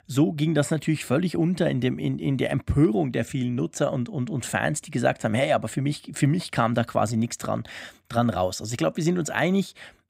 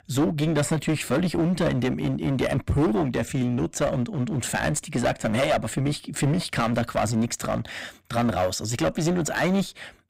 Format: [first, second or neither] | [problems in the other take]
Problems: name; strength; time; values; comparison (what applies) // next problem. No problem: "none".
first | distortion; heavy; 14% of the sound clipped